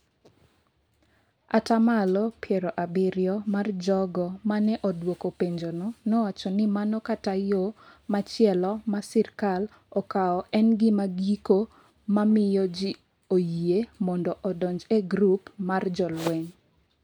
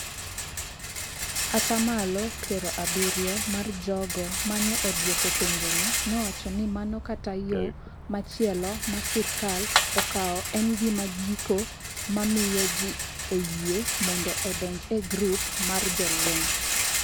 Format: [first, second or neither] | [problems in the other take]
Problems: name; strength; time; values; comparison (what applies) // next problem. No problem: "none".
first | background sound (Rattle); as loud as the speech